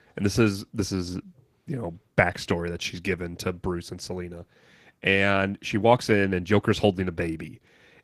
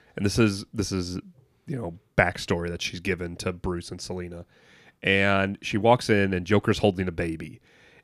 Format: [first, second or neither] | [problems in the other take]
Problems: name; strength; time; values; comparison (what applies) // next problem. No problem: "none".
second | garbled, watery; slightly